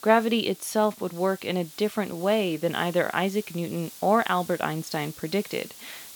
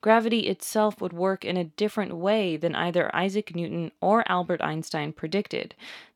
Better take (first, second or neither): second